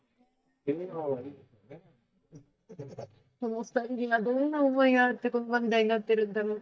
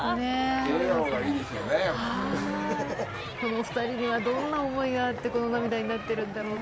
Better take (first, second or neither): second